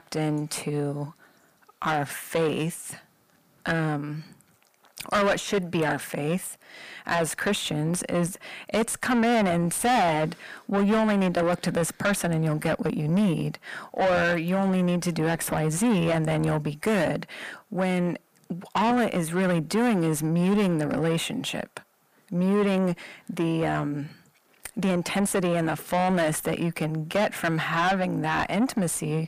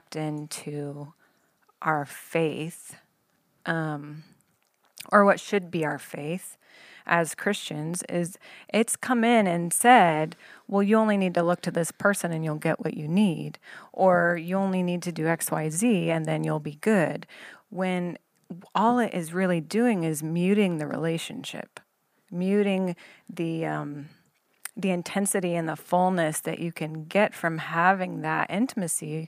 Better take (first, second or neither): second